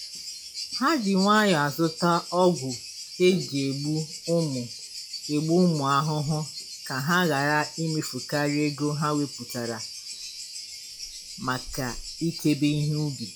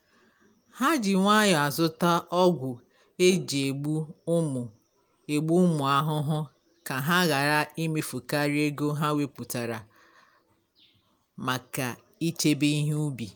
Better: second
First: noise reduction (classical method log-MMSE)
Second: none

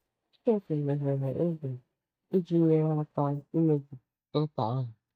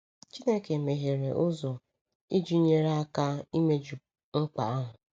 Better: second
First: noise reduction (neural mask model DeepFilterNet 3)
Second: none

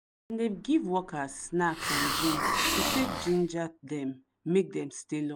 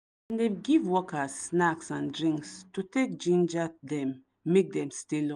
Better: second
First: background sound (Hiss); 1 dB below the speech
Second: none

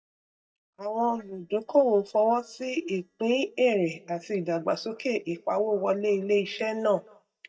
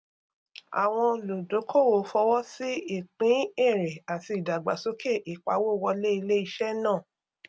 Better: second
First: noise reduction (neural mask model DeepFilterNet 3)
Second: none

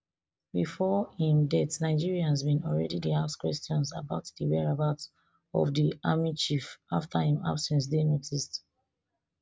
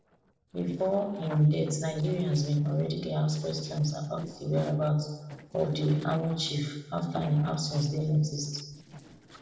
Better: first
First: none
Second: noise reduction (neural separator model SepFormer DNS4)

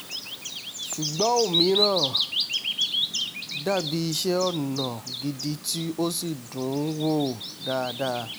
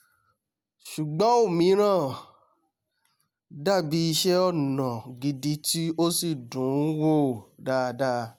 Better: second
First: background sound (Bird vocalization, bird call, bird song); 2 dB below the speech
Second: none

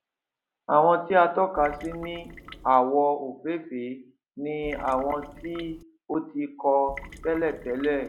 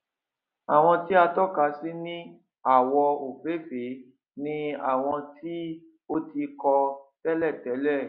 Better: second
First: background sound (Trickle, dribble / Water tap, faucet); 16 dB below the speech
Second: none

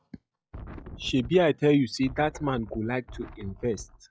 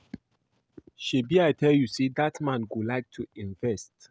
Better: second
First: noise reduction (classical method log-MMSE)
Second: none

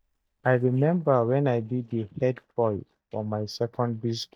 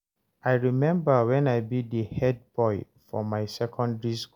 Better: second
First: noise reduction (neural mask model DeepFilterNet 3)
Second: none

